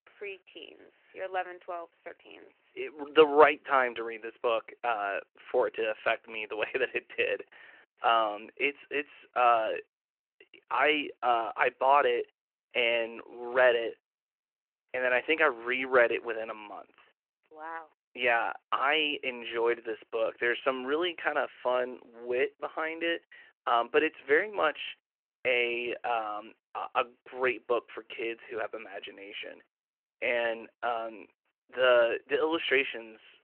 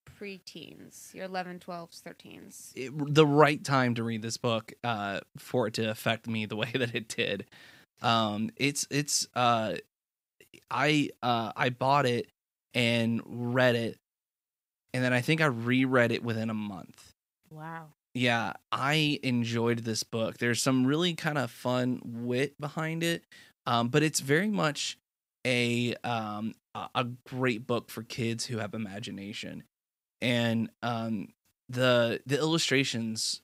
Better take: second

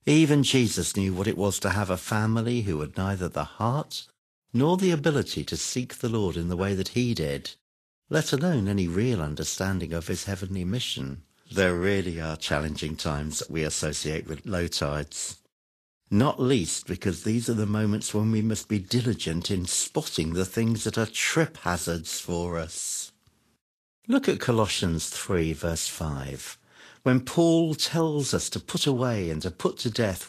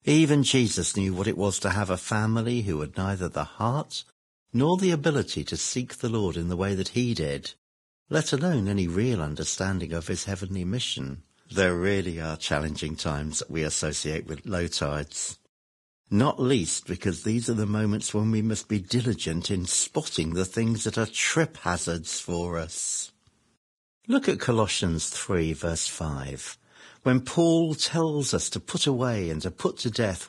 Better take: first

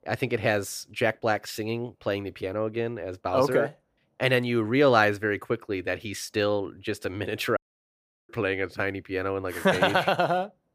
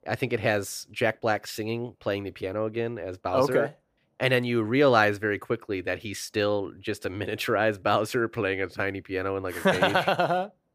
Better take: second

